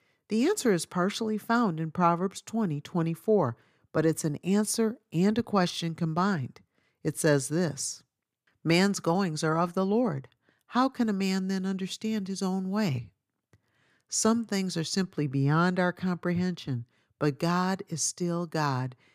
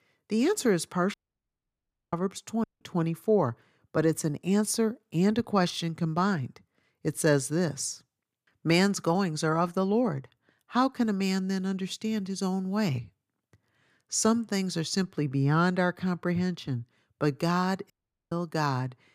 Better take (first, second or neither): first